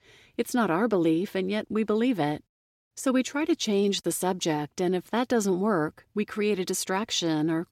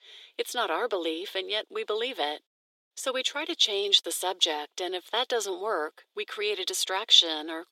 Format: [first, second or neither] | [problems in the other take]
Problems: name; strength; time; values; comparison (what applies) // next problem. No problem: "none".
first | thin; very; fading below 400 Hz